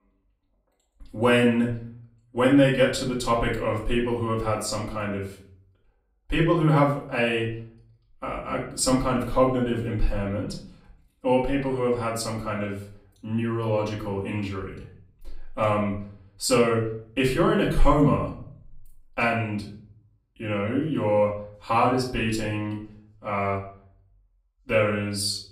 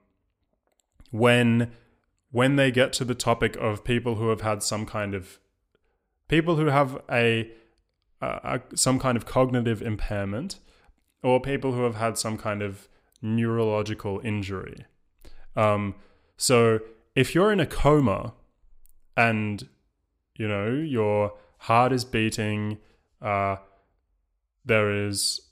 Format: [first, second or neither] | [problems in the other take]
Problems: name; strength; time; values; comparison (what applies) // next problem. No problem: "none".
second | off-mic speech; far // room echo; slight; dies away in 0.4 s